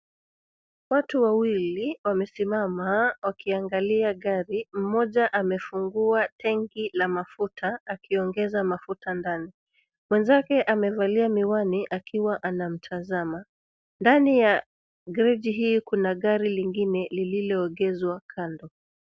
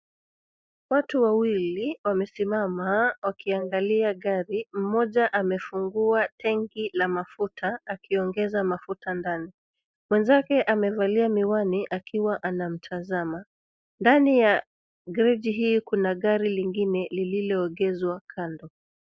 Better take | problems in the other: first | noise reduction (neural mask model Resemble Enhance denoiser)

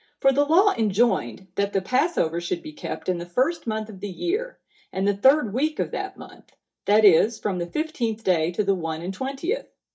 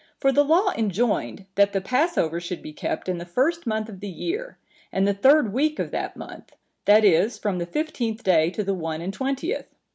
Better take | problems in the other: second | noise reduction (neural mask model DeepFilterNet 3)

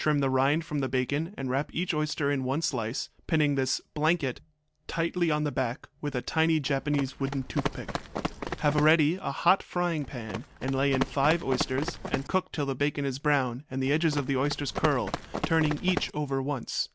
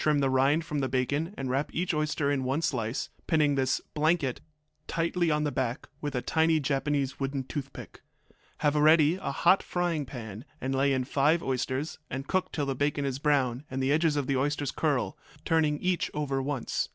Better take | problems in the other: second | background sound (Run); 7 dB below the speech

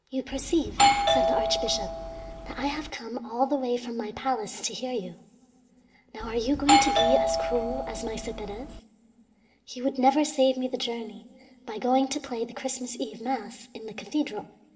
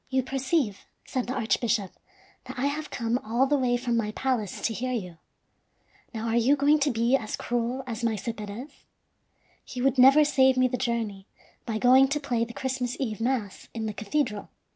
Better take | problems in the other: second | background sound (Doorbell); 3 dB above the speech // room echo; dies away in 1.7 s

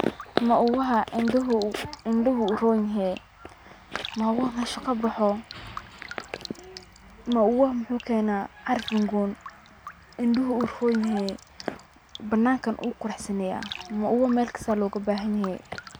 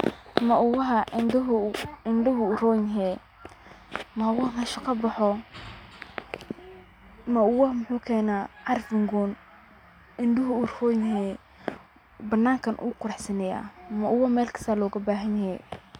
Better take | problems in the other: second | background sound (Raindrop); 19 dB below the speech

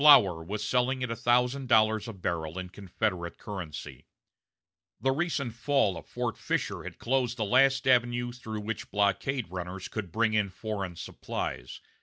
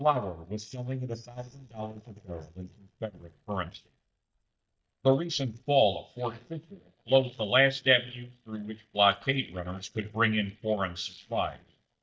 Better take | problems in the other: first | noise reduction (neural mask model DeepFilterNet 3)

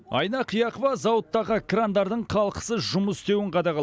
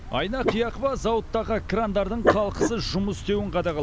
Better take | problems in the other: first | background sound (Dog); 3 dB below the speech

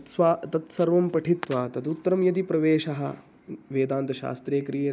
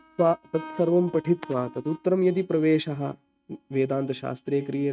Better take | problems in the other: first | noise reduction (neural mask model RNNoise)

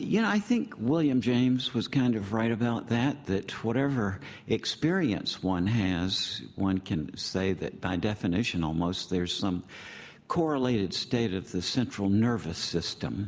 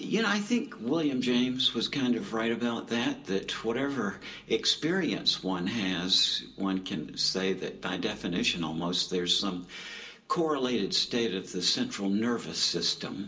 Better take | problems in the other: first | room echo; dies away in 0.2 s

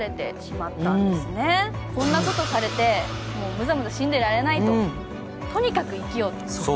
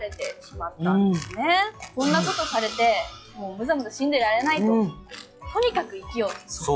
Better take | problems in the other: first | noise reduction (classical method log-MMSE)

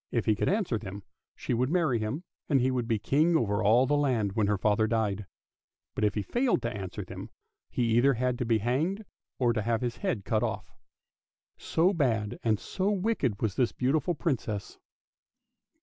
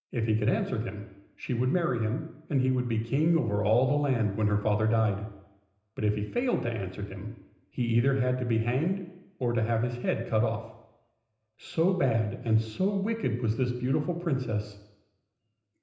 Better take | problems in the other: first | room echo; dies away in 0.9 s

